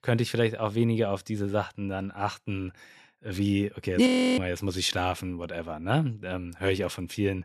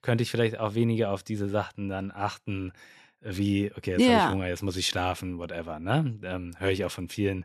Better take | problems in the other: second | audio freezing; at 4 s

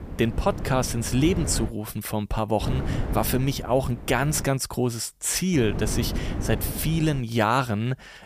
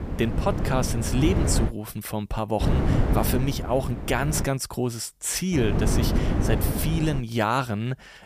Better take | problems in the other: first | wind noise on the microphone; heavy; until 1.5 s, from 2.5 to 4.5 s and from 5.5 to 7 s; 5 dB below the speech; occasional gusts in the first

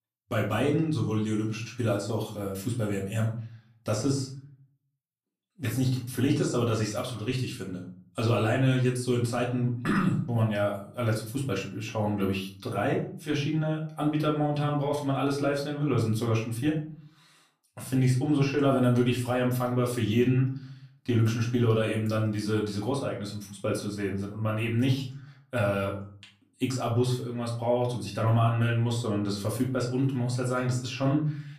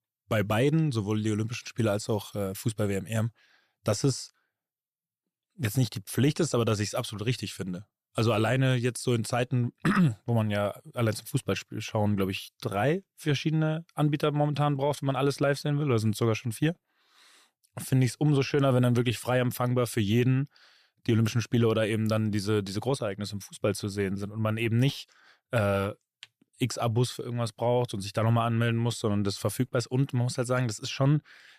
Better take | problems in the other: second | off-mic speech; far // room echo; slight; dies away in 0.4 s

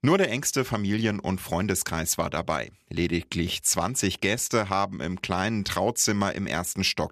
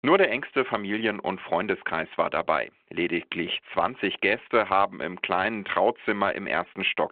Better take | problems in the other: first | phone-call audio

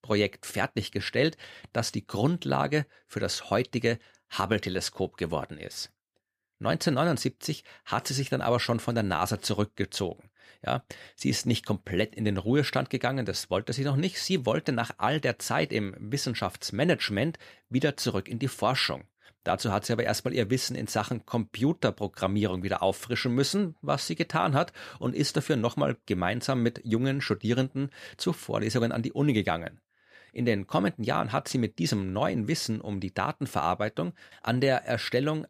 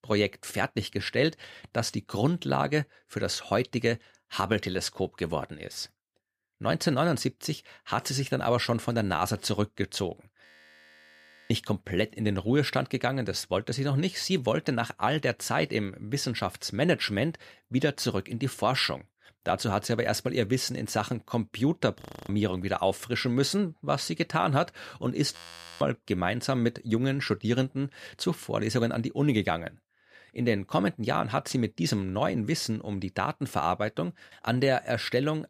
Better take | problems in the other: first | audio freezing; at 10 s for 1 s, at 22 s and at 25 s

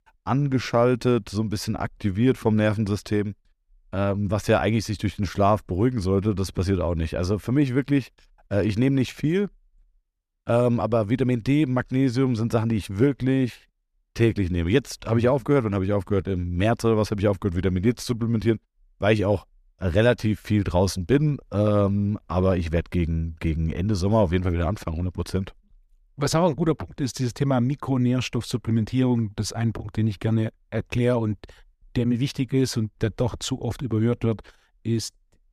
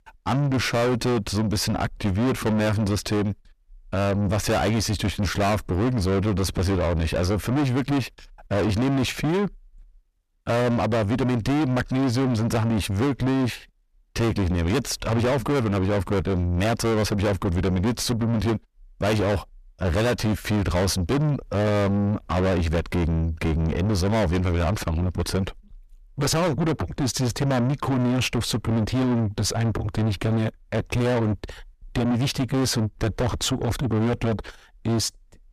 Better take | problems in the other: first | distortion; heavy; 6 dB below the speech

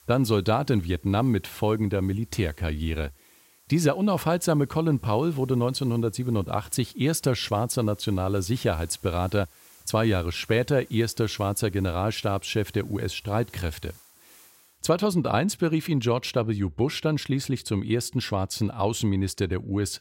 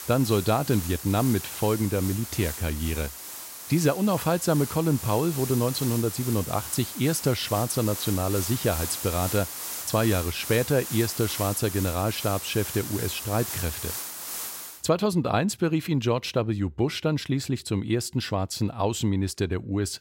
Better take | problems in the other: first | hiss; loud; until 15 s; 7 dB below the speech; faint in the first

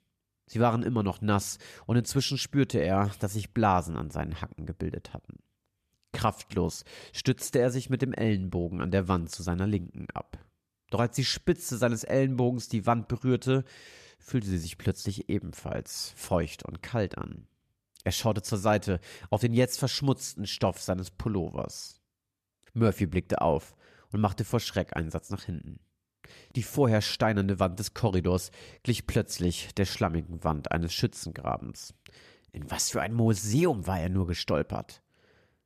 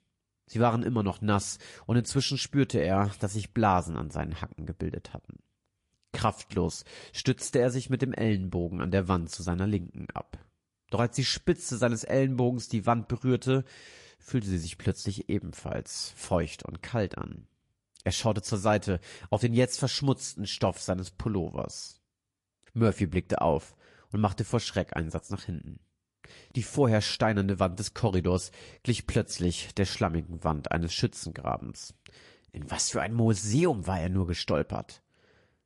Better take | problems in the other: first | garbled, watery; slightly; nothing above 11 kHz

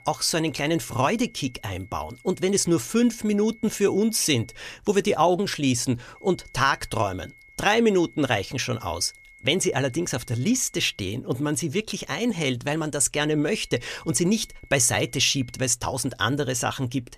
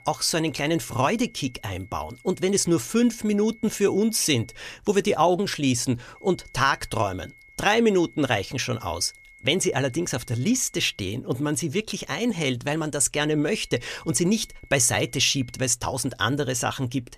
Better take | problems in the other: neither | high-pitched whine; faint; until 4.5 s, from 6 to 11 s and from 13 to 16 s; 2 kHz, 25 dB below the speech; the same in both

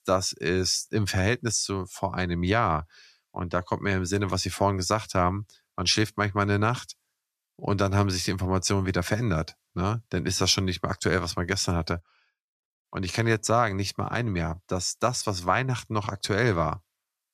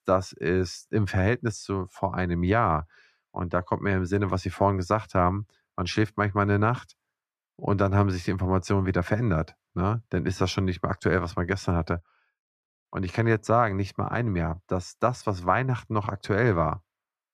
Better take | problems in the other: first | muffled; slightly; fading above 3 kHz

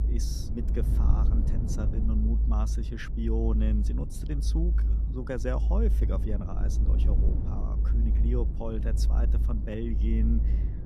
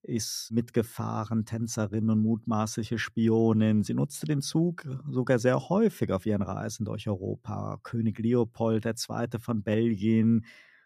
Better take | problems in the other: second | low rumble; loud; throughout; 6 dB below the speech

